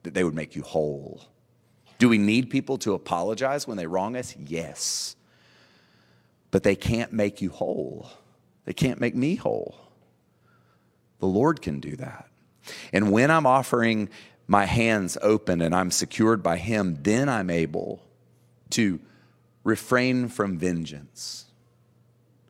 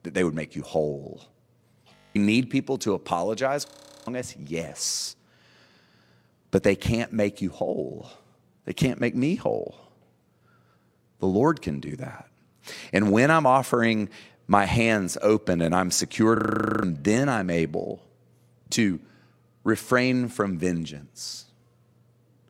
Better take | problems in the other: first | audio freezing; at 2 s, at 3.5 s and at 16 s

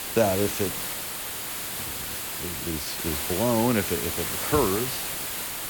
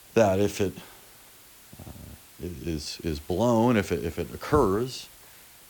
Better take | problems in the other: second | hiss; loud; throughout; 1 dB below the speech; faint in the second

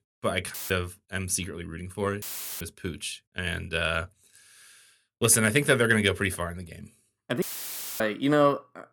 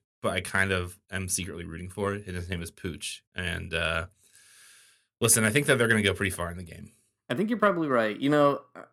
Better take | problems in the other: second | audio cutting out; filled with static; at 0.5 s, at 2 s and at 7.5 s for 0.5 s

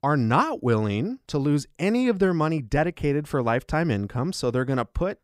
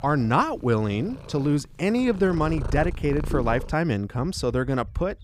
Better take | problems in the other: first | animal sounds; noticeable; throughout; 10 dB below the speech

